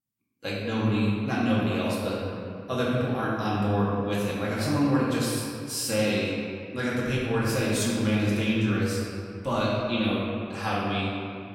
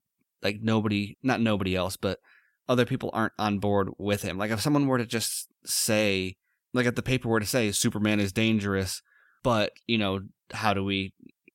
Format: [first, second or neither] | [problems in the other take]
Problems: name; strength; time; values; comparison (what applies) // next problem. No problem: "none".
second | room echo; strong; dies away in 2.2 s // off-mic speech; far